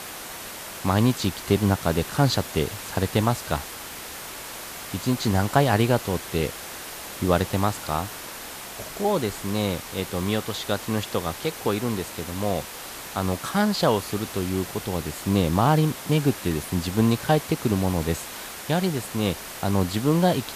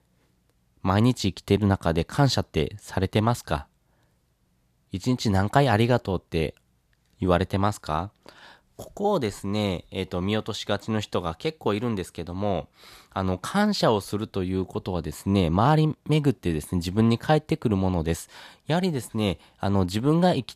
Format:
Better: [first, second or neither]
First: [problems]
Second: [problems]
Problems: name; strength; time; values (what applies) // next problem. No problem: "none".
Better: second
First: hiss; noticeable; throughout; 10 dB below the speech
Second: none